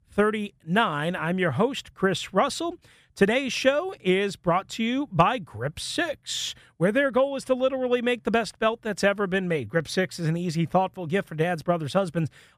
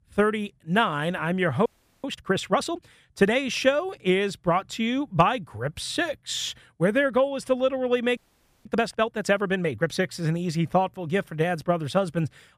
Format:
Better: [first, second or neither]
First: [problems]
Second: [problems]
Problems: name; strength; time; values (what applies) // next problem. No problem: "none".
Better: first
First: none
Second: audio freezing; at 1.5 s and at 8 s